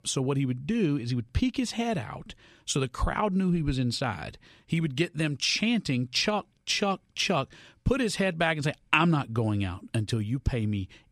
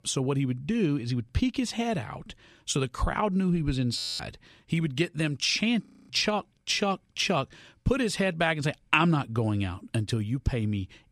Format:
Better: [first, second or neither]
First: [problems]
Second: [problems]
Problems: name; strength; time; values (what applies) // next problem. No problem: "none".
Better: first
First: none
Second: audio freezing; at 4 s and at 6 s